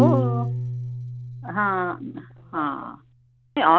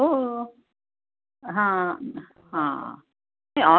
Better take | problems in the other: second | background sound (Piano); 2 dB below the speech

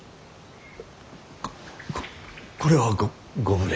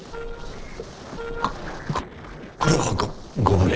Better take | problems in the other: first | noise reduction (neural separator model SepFormer DNS4)

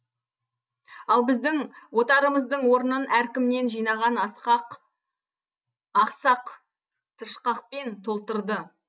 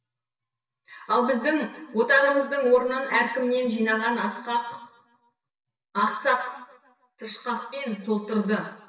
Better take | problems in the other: first | room echo; dies away in 0.9 s

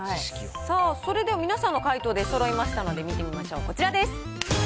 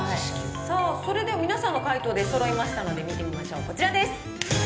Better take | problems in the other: first | background sound (Strum); 12 dB below the speech // room echo; dies away in 0.8 s

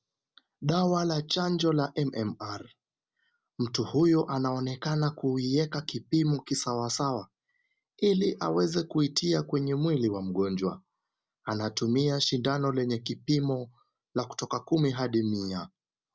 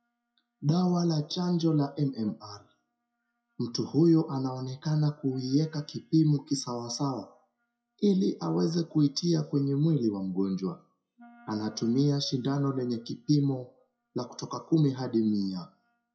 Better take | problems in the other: first | noise reduction (classical method WPE with log-MMSE)

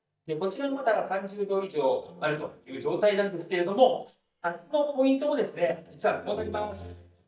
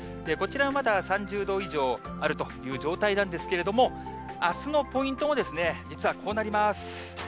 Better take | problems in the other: second | noise reduction (neural mask model DeepFilterNet 3)

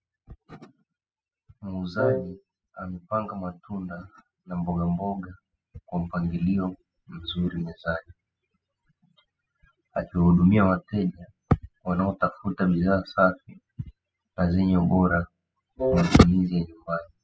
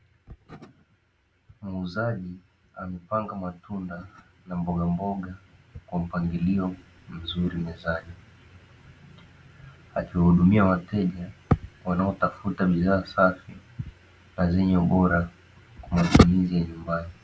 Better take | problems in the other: second | noise reduction (classical method spectral subtraction)

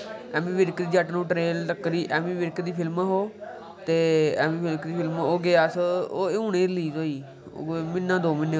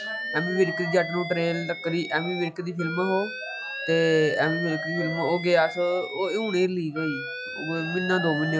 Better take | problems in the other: first | noise reduction (classical method log-MMSE)

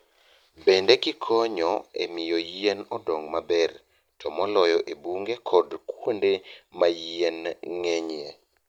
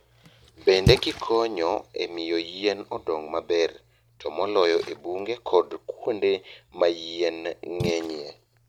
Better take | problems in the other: first | background sound (Splash, splatter); 10 dB below the speech

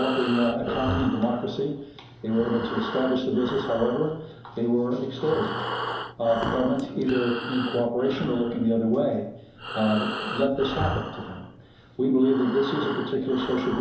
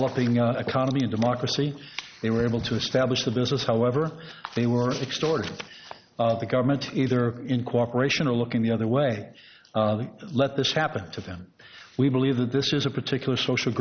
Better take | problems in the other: second | background sound (Breathing); 9 dB below the speech // room echo; dies away in 2.8 s

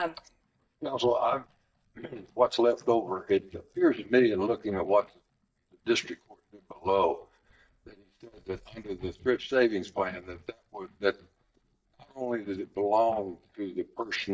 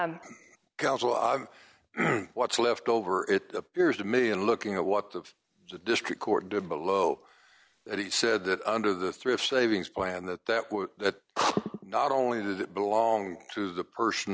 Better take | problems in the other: second | noise reduction (neural mask model DeepFilterNet 3)

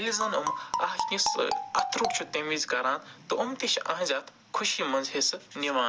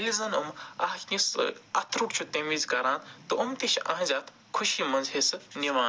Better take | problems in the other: second | background sound (Marimba, xylophone); 3 dB below the speech

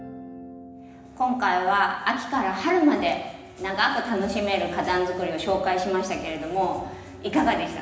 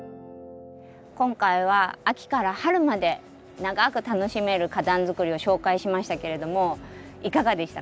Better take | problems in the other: second | room echo; dies away in 1 s

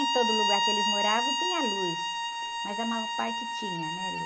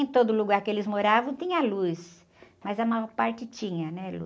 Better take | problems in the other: second | background sound (Bowed string instrument); 4 dB above the speech

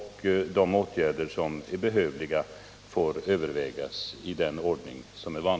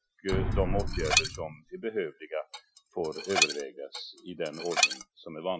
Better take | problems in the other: first | noise reduction (classical method Wiener filter)

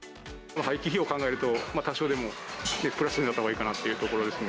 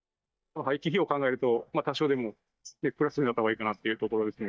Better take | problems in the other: first | noise reduction (neural mask model DeepFilterNet 3)

